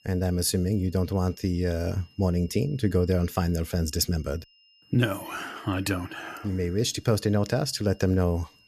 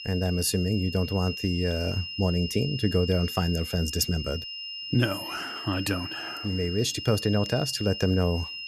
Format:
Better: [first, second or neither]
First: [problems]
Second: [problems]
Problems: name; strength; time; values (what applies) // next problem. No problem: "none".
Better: first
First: high-pitched whine; faint; throughout; 3 kHz, 30 dB below the speech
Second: high-pitched whine; loud; throughout; 3 kHz, 7 dB below the speech